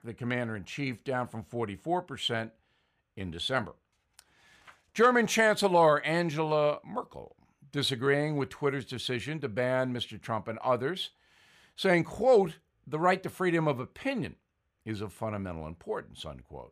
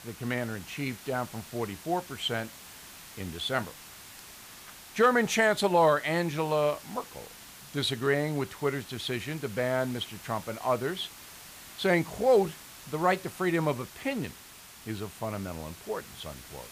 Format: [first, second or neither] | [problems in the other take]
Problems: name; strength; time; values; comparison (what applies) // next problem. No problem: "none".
first | hiss; noticeable; throughout; 15 dB below the speech